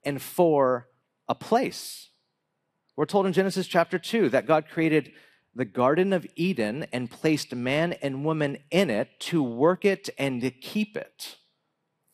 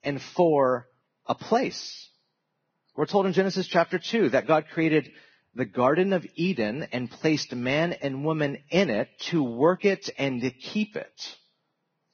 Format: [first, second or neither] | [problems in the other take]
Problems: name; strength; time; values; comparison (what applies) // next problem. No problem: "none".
first | garbled, watery; badly; nothing above 6.5 kHz